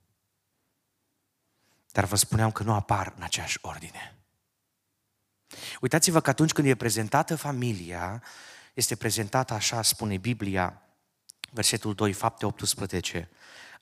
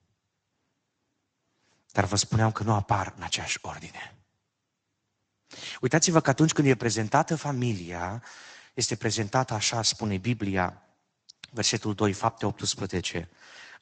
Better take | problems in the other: first | garbled, watery; slightly; nothing above 8 kHz

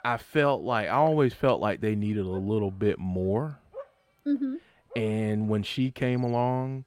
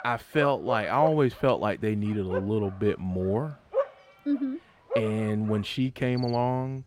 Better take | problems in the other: first | animal sounds; loud; throughout; 7 dB below the speech; faint in the first

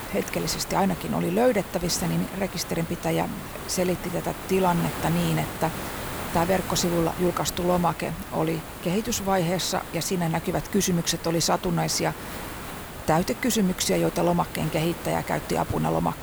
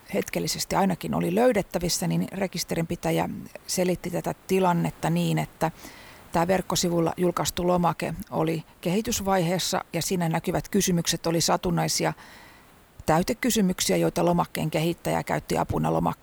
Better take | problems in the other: second | hiss; loud; throughout; 10 dB below the speech; faint in the second

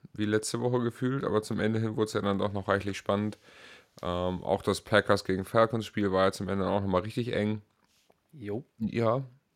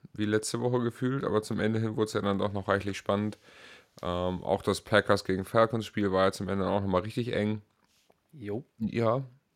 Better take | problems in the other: neither | none

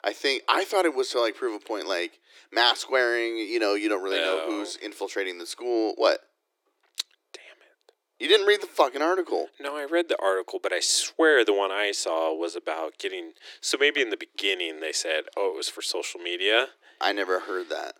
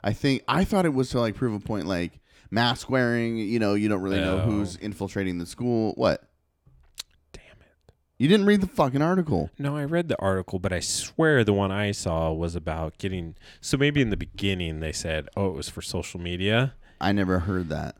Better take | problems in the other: second | thin; very; fading below 350 Hz

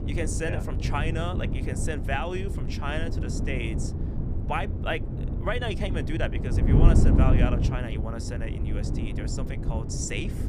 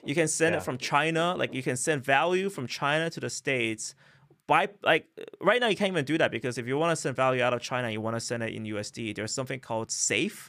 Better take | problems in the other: second | wind noise on the microphone; heavy; 5 dB below the speech

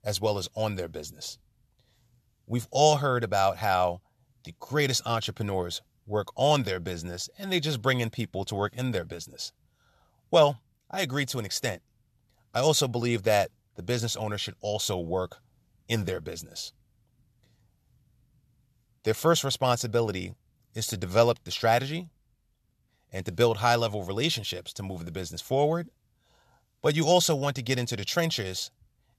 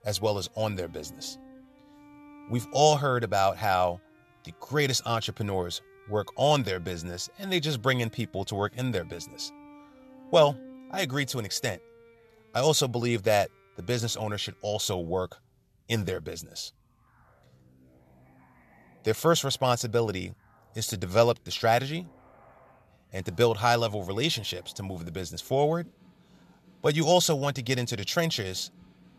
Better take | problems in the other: first | background music; faint; throughout; 25 dB below the speech

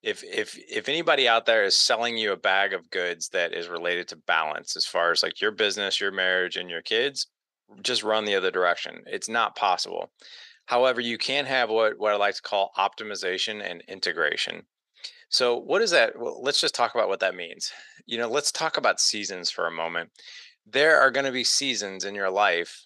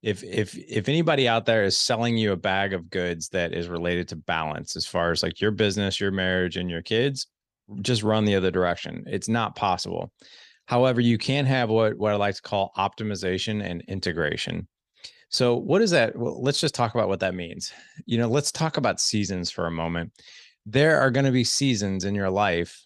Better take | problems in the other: second | thin; very; fading below 550 Hz

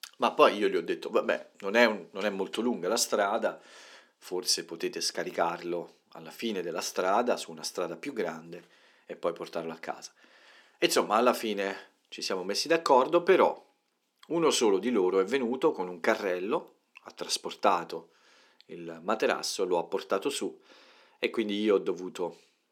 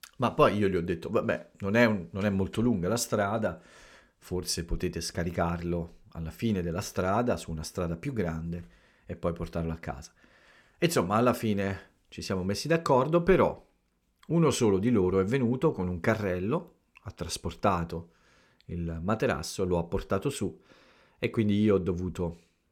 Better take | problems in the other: second | thin; somewhat; fading below 250 Hz

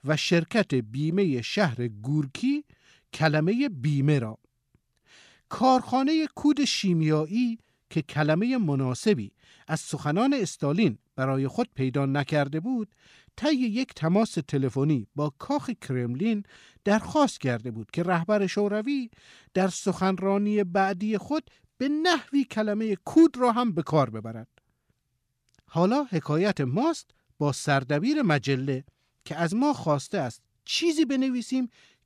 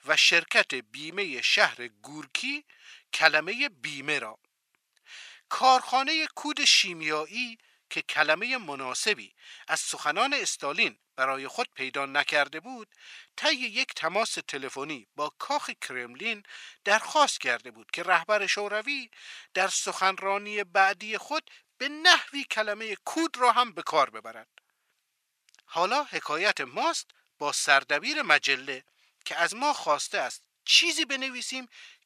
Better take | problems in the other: first | thin; very; fading below 950 Hz

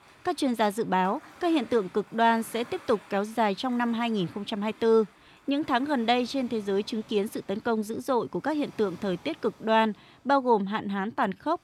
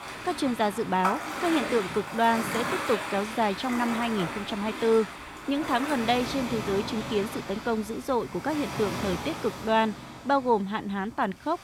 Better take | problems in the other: first | rain or running water; loud; throughout; 6 dB below the speech; faint in the first

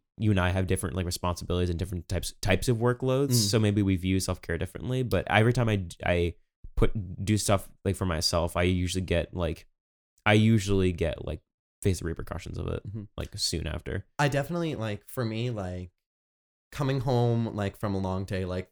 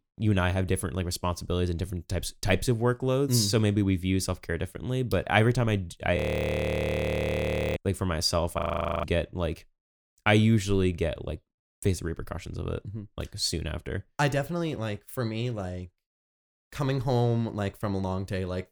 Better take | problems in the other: first | audio freezing; at 6 s for 1.5 s and at 8.5 s

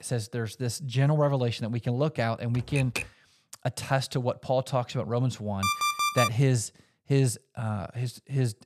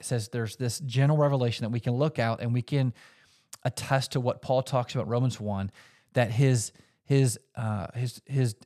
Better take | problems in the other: second | keyboard typing; noticeable; at 2.5 s; peak 4 dB below the speech // alarm; loud; at 5.5 s; peak 3 dB above the speech

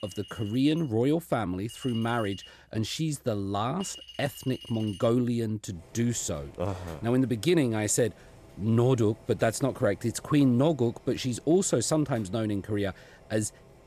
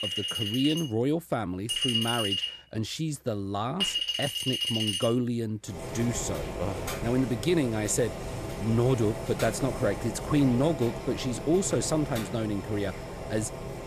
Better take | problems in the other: first | household noises; loud; throughout; 3 dB below the speech; faint in the first

